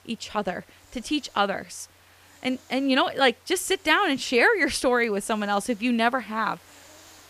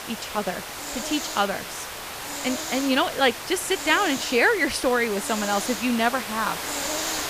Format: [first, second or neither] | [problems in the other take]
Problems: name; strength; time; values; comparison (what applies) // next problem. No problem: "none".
first | hiss; loud; throughout; 6 dB below the speech; faint in the first